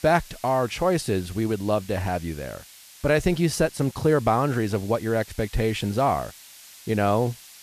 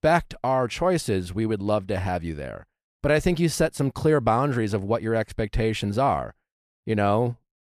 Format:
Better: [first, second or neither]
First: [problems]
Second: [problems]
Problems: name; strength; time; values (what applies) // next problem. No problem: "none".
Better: second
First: hiss; faint; throughout; 20 dB below the speech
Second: none